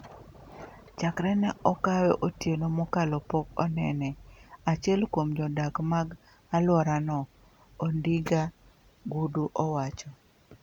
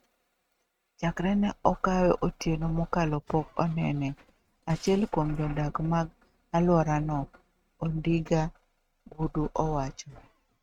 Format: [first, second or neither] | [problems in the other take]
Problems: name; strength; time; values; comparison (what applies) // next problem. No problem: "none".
first | noise reduction (neural mask model RNNoise)